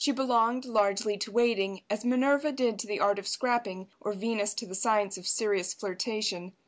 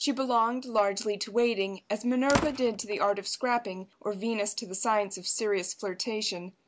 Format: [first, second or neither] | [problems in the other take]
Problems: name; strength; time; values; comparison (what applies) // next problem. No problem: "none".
first | background sound (Slam); 8 dB below the speech